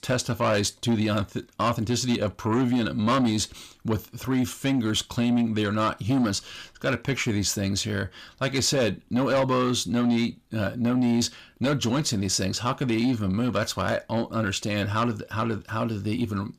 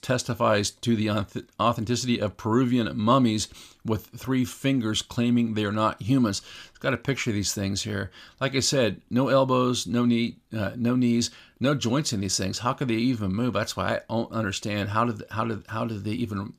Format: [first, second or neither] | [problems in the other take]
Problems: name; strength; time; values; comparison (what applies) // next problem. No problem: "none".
second | distortion; slight; 10 dB below the speech